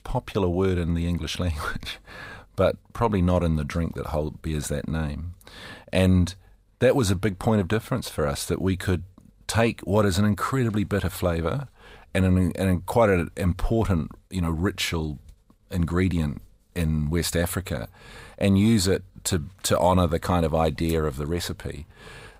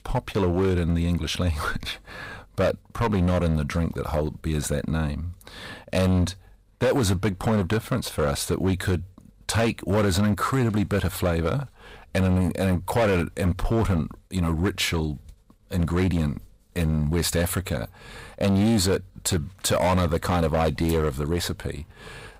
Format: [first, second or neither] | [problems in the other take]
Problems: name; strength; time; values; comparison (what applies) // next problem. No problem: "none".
first | distortion; slight; 10% of the sound clipped